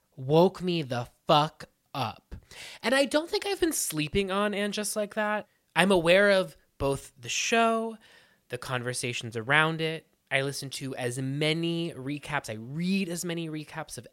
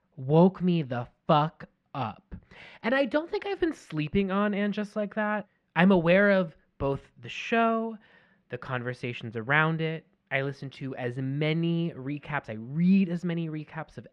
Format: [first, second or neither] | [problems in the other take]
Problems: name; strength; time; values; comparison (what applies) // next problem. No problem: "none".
first | muffled; very; fading above 2 kHz